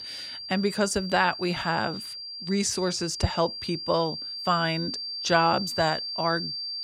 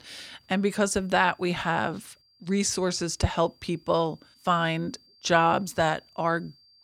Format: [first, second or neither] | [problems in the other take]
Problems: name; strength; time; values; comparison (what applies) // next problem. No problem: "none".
second | high-pitched whine; loud; throughout; 4.5 kHz, 6 dB below the speech; faint in the second